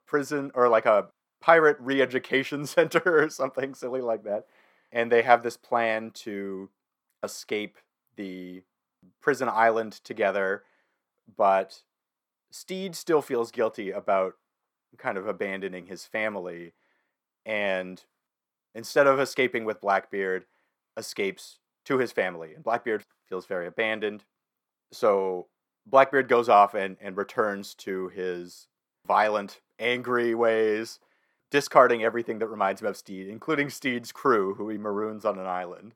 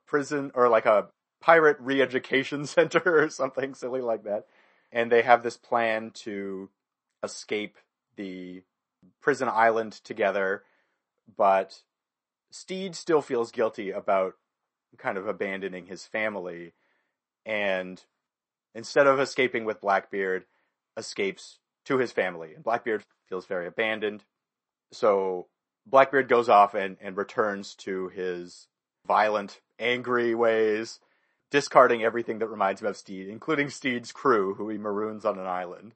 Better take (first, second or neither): first